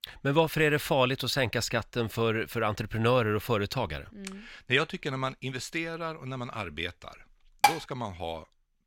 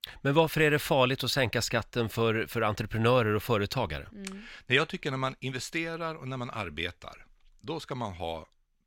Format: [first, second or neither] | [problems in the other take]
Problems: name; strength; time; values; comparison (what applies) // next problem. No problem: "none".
second | clattering dishes; loud; at 7.5 s; peak 4 dB above the speech